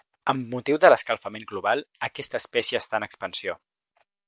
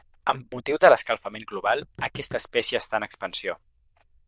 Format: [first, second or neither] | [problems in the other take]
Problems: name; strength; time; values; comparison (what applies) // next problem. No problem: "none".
first | noise reduction (neural diffusion model UNIVERSE++)